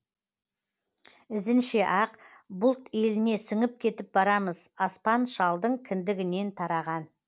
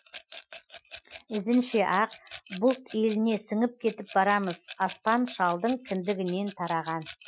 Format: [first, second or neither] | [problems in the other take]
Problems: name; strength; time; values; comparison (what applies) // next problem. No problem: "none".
first | noise reduction (classical method Wiener filter)